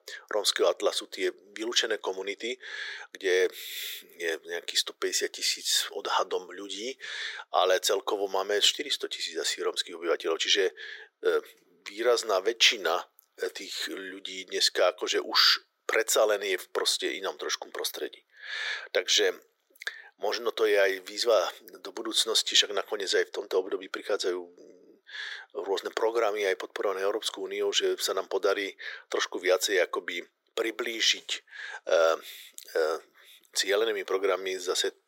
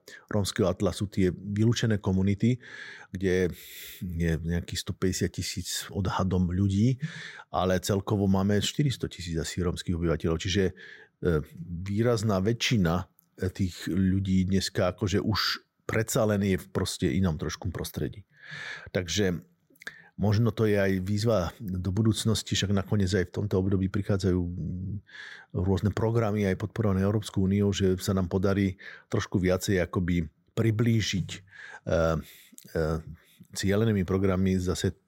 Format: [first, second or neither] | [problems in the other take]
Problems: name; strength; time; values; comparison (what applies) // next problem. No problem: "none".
second | thin; very; fading below 400 Hz